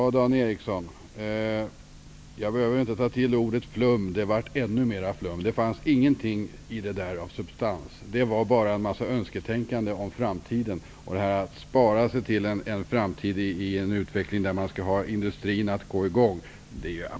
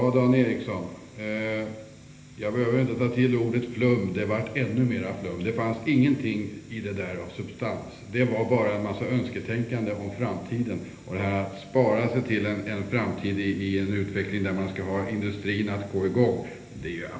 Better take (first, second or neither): first